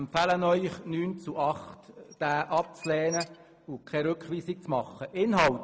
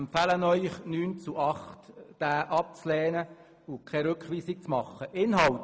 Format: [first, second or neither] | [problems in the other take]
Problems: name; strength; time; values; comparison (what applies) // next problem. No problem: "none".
second | background sound (Squeak / Dishes, pots, and pans); 16 dB below the speech